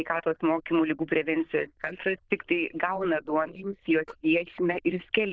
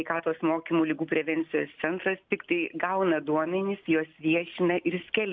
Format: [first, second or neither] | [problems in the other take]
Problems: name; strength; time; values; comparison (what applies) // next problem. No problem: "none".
second | noise reduction (neural diffusion model UNIVERSE++)